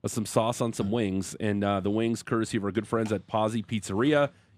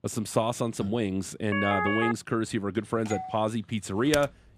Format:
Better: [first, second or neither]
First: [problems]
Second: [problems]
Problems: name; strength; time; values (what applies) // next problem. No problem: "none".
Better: first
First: none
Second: siren; loud; at 1.5 s; peak 1 dB above the speech // doorbell; noticeable; at 3 s; peak 9 dB below the speech // keyboard typing; noticeable; at 4 s; peak 6 dB below the speech